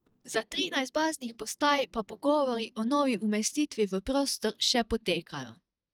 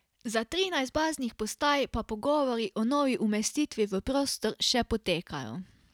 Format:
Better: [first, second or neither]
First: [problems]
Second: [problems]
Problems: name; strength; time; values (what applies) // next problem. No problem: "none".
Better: second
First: noise reduction (neural mask model DeepFilterNet 3)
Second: none